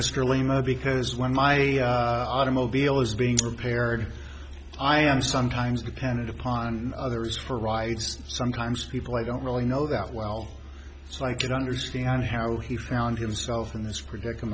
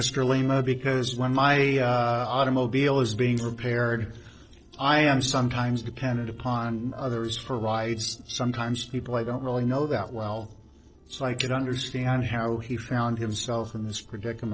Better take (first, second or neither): first